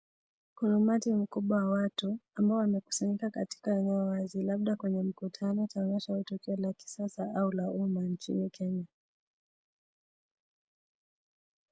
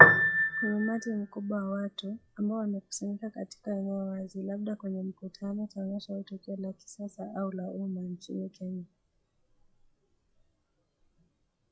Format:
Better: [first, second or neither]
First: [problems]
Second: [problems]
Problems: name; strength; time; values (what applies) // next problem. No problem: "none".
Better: first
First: none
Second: noise reduction (classical method log-MMSE)